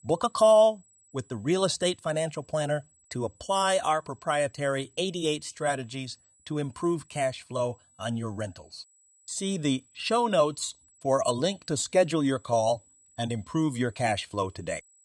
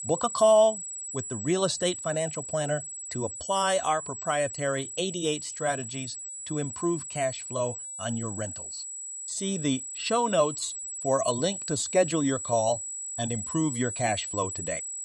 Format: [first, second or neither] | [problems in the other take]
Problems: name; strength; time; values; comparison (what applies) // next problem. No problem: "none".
first | high-pitched whine; loud; throughout; 8 kHz, 6 dB below the speech; faint in the first